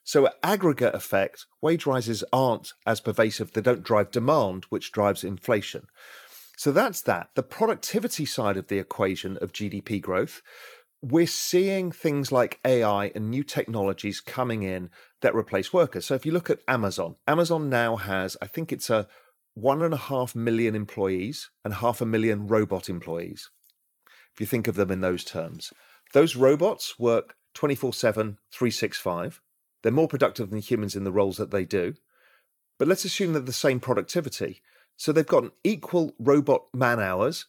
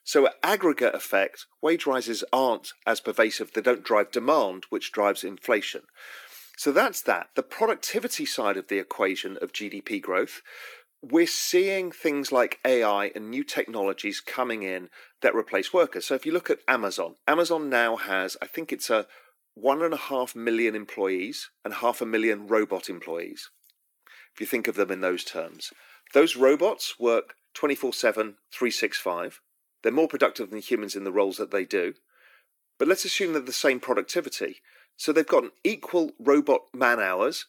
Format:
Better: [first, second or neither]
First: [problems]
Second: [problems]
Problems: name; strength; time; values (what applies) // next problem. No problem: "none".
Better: first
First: none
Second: thin; very slightly; fading below 300 Hz